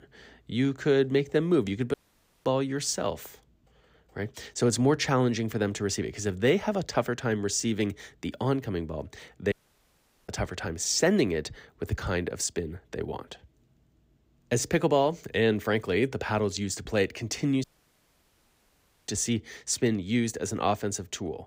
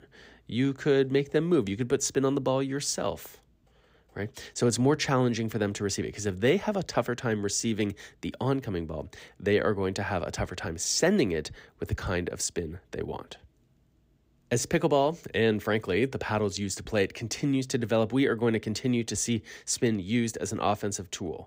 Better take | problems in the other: second | audio cutting out; at 2 s for 0.5 s, at 9.5 s for 1 s and at 18 s for 1.5 s

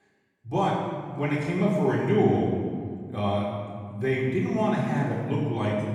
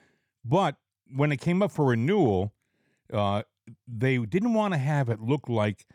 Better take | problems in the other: second | off-mic speech; far // room echo; noticeable; dies away in 1.7 s

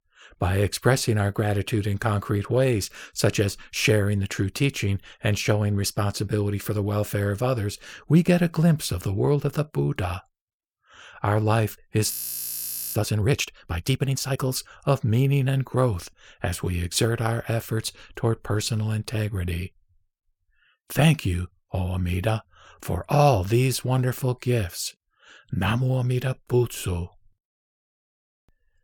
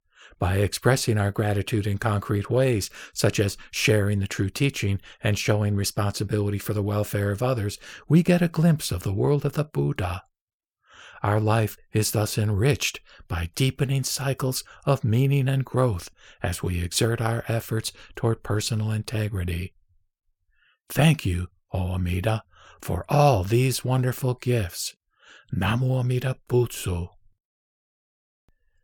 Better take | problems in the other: second | audio freezing; at 12 s for 1 s

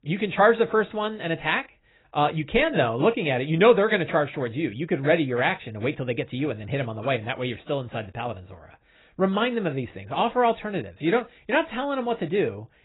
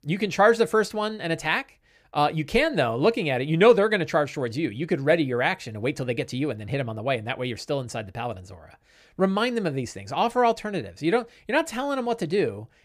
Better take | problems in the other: second | garbled, watery; badly; nothing above 4 kHz

